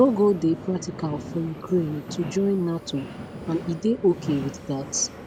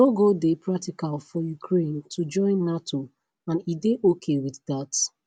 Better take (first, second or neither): second